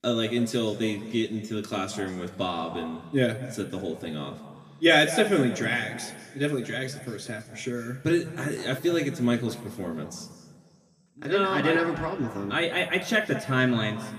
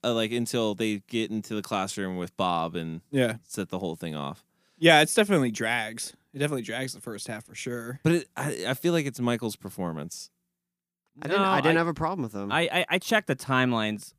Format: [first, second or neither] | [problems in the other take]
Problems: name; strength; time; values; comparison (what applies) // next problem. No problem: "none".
second | room echo; slight; dies away in 1.7 s // off-mic speech; somewhat distant